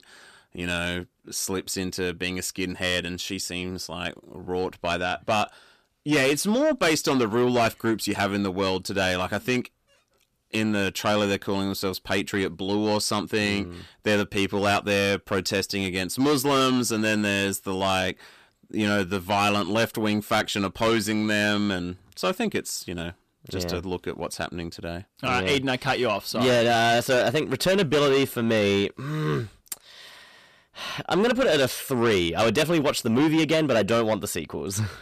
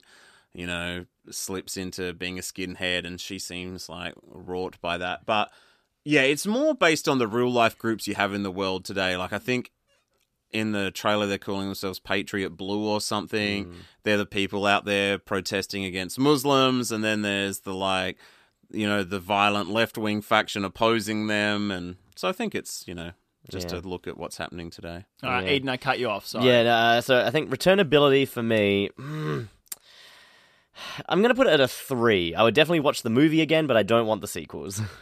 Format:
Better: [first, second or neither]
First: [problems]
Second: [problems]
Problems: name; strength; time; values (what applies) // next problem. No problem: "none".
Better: second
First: distortion; heavy; 8 dB below the speech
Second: none